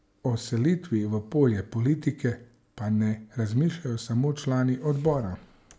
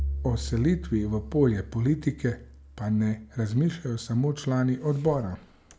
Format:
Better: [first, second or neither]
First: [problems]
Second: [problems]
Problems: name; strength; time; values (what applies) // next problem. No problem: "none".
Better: first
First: none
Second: background sound (Bowed string instrument); 12 dB below the speech